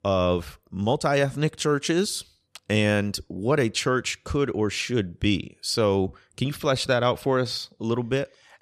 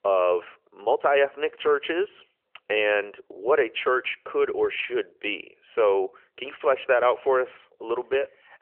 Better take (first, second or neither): first